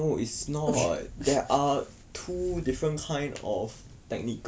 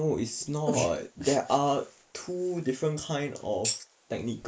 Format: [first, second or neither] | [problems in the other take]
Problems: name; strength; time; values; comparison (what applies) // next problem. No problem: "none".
first | noise reduction (neural mask model Resemble Enhance denoiser)